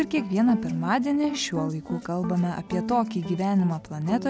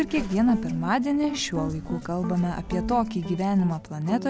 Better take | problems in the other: first | background sound (Zipper (clothing)); 16 dB below the speech

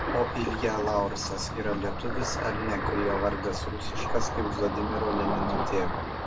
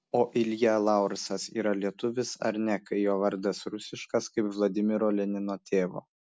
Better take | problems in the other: second | background sound (Ocean); 1 dB above the speech // room echo; dies away in 0.2 s

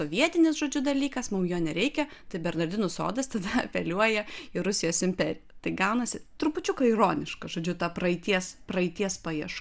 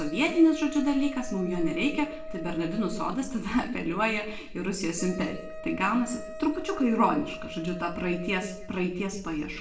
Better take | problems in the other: first | background sound (Wind instrument, woodwind instrument); 15 dB below the speech // room echo; dies away in 0.6 s

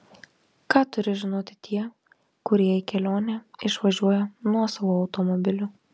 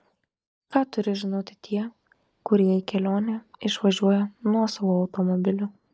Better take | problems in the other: first | noise reduction (neural mask model DeepFilterNet 3)

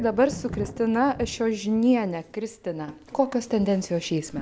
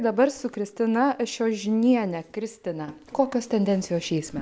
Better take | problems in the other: second | background sound (Thunder); 17 dB below the speech

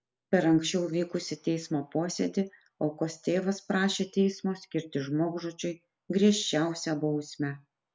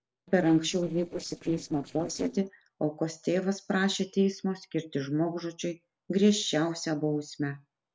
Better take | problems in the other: first | noise reduction (neural separator model SepFormer DNS4)

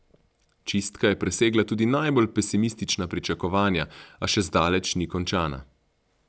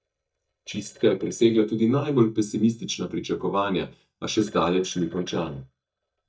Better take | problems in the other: first | noise reduction (neural mask model DeepFilterNet 3)

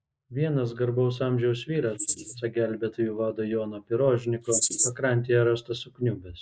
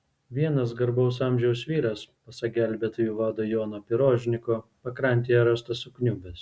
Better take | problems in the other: second | noise reduction (neural mask model Resemble Enhance denoiser)

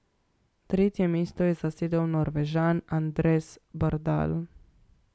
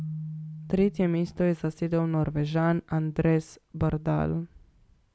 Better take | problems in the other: first | background sound (Keyboard (musical)); 16 dB below the speech

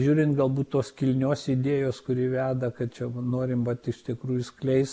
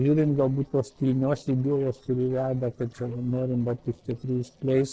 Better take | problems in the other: first | noise reduction (neural separator model SepFormer DNS4)

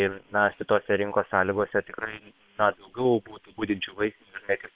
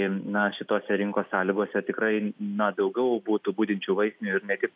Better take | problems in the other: second | noise reduction (neural separator model SepFormer WHAM!)

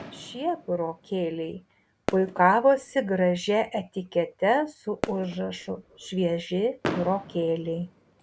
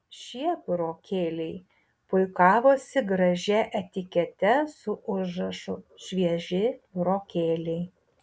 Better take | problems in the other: second | background sound (Fireworks + Fireworks); 13 dB below the speech

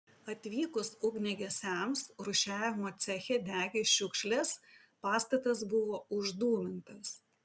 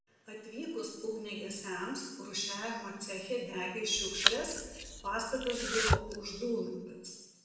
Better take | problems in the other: first | background sound (Domestic sounds, home sounds); 4 dB above the speech // room echo; dies away in 1 s

